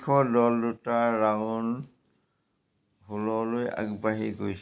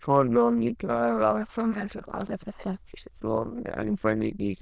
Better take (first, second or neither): first